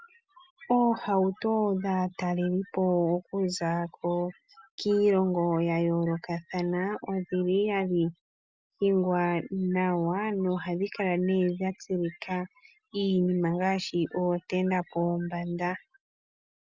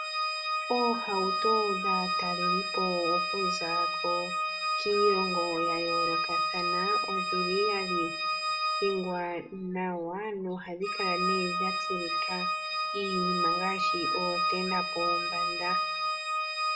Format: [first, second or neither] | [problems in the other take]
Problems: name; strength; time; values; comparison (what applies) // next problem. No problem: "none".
first | background sound (Organ); 3 dB above the speech // room echo; dies away in 0.4 s